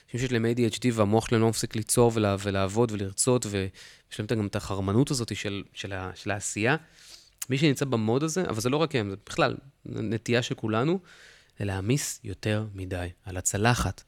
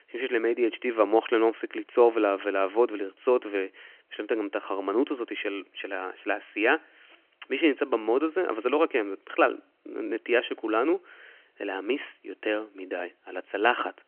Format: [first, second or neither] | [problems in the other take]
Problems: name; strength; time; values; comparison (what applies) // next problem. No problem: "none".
first | phone-call audio